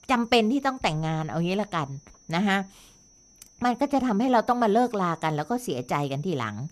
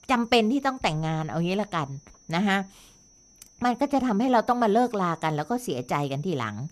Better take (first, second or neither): neither